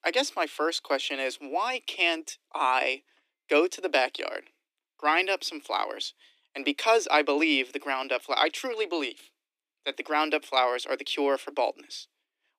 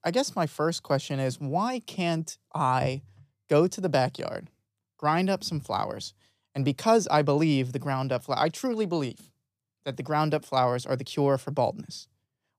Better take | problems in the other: second | thin; somewhat; fading below 300 Hz

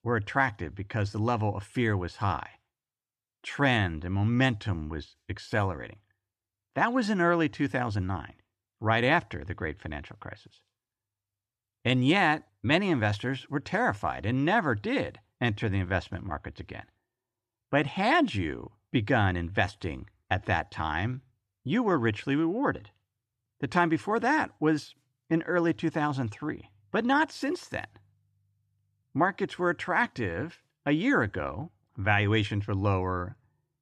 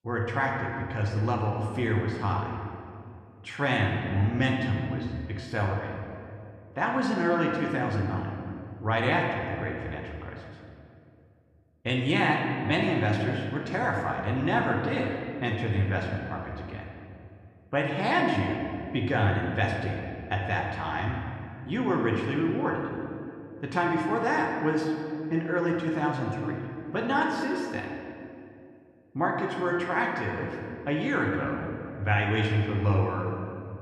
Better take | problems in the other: first | room echo; noticeable; dies away in 2.2 s // off-mic speech; somewhat distant

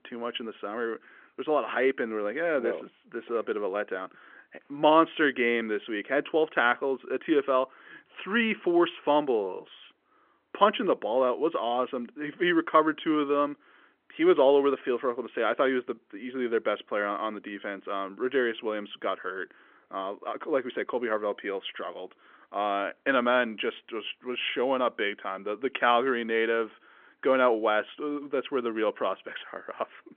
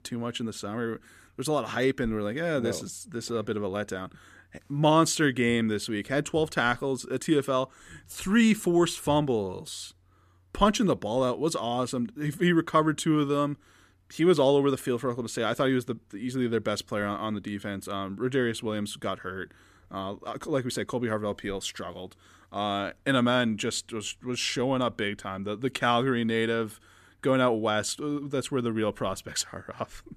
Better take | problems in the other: second | phone-call audio; nothing above 3.5 kHz

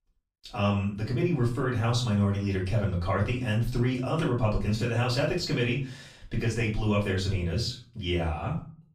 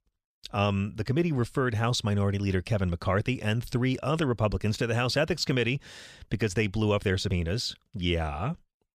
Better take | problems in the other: second | room echo; slight; dies away in 0.4 s // off-mic speech; far

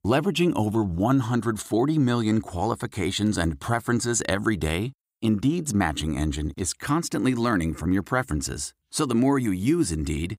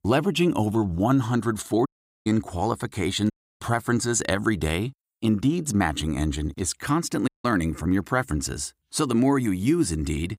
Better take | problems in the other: first | audio cutting out; at 2 s, at 3.5 s and at 7.5 s

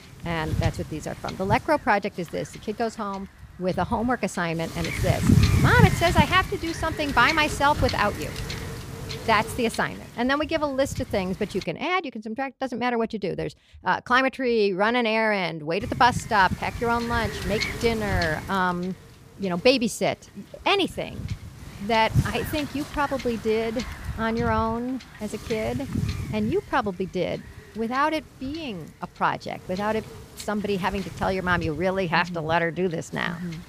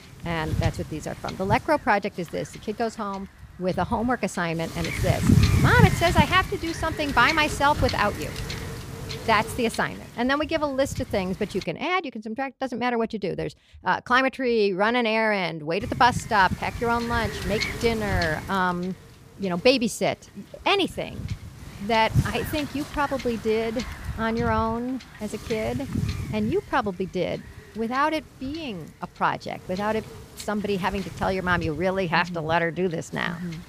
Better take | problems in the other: neither | wind noise on the microphone; occasional gusts; until 12 s and from 16 s on; 10 dB below the speech; the same in both

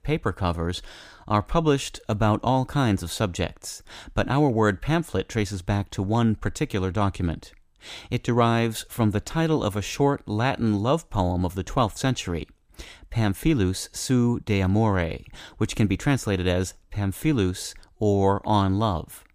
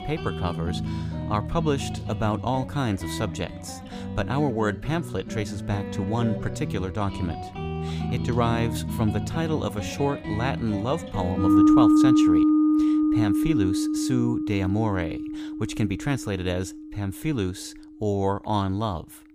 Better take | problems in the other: first | background music; very loud; throughout; 2 dB above the speech

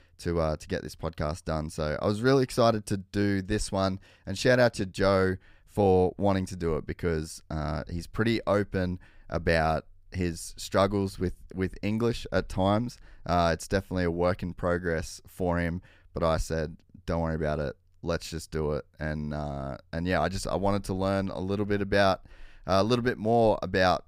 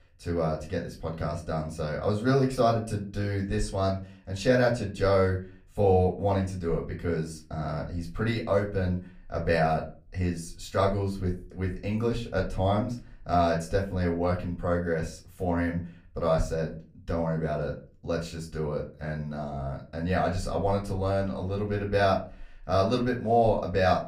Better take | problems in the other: first | off-mic speech; far // room echo; very slight; dies away in 0.3 s

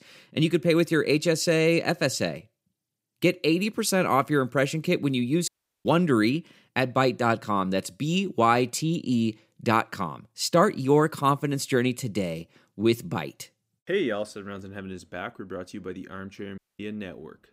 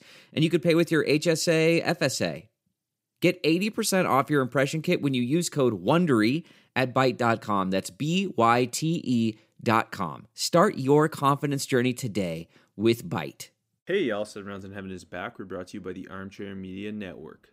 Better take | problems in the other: second | audio cutting out; at 5.5 s and at 17 s

